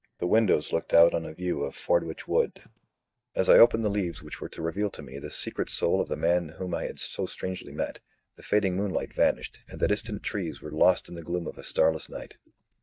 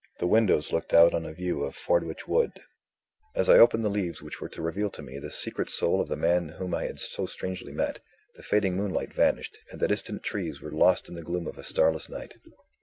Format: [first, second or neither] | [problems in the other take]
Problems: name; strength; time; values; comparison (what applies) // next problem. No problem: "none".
second | noise reduction (neural mask model DeepFilterNet 3)